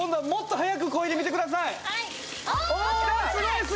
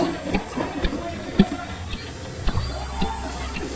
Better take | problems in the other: first | noise reduction (neural mask model DeepFilterNet 3)

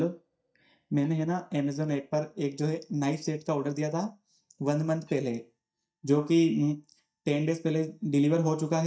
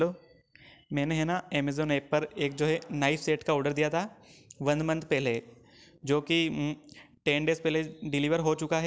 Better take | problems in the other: second | noise reduction (neural mask model DeepFilterNet 3)

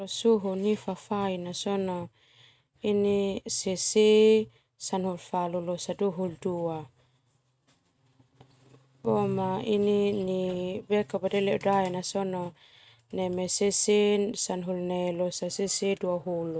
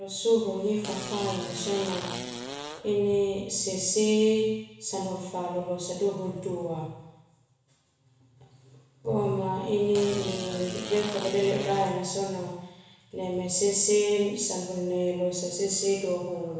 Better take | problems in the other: first | background sound (Fart); 10 dB below the speech // room echo; dies away in 1 s

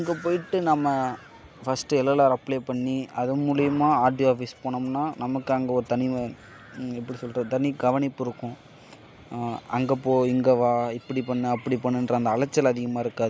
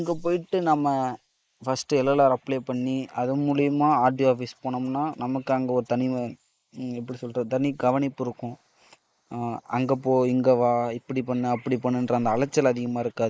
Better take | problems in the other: first | noise reduction (neural mask model Resemble Enhance denoiser)

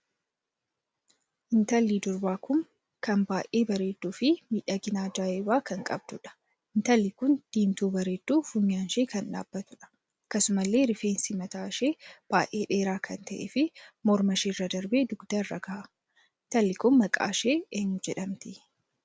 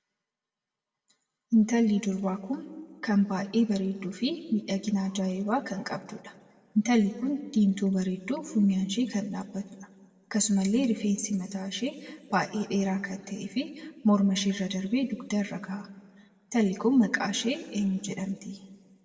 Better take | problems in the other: first | room echo; dies away in 1.3 s

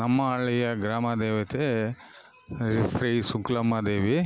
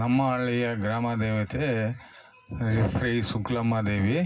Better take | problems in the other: first | room echo; dies away in 0.4 s

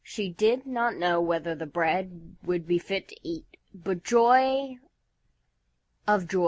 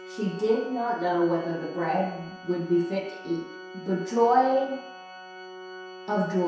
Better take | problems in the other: first | background sound (Organ); 15 dB below the speech // room echo; dies away in 0.7 s

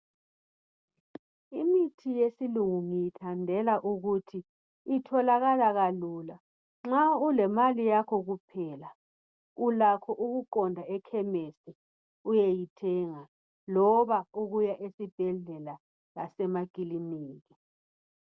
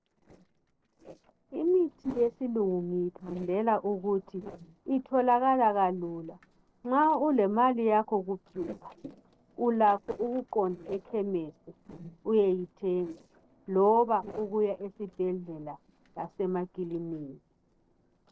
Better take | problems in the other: first | noise reduction (neural separator model SepFormer DNS4)

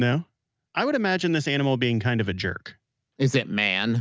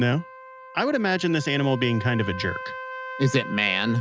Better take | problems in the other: first | background sound (Trumpet); 12 dB below the speech

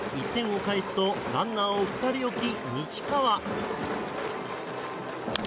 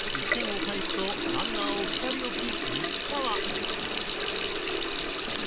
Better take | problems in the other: first | background sound (Water tap, faucet); 4 dB above the speech

